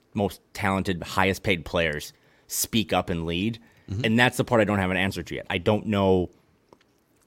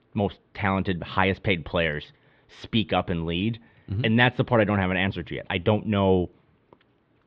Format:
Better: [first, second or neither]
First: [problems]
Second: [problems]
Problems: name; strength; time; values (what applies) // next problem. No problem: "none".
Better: first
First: none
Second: muffled; very; fading above 3.5 kHz